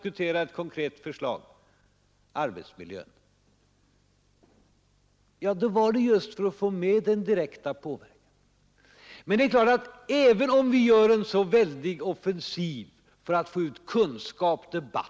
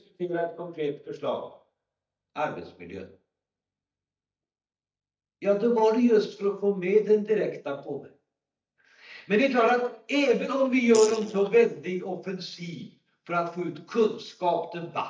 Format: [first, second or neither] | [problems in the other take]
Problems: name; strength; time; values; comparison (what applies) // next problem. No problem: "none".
first | noise reduction (neural mask model DeepFilterNet 3)